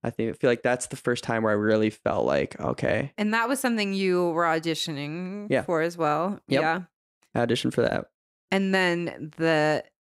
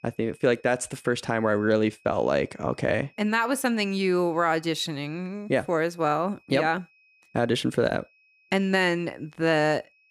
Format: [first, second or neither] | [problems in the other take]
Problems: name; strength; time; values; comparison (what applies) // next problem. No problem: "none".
first | high-pitched whine; faint; throughout; 2.5 kHz, 35 dB below the speech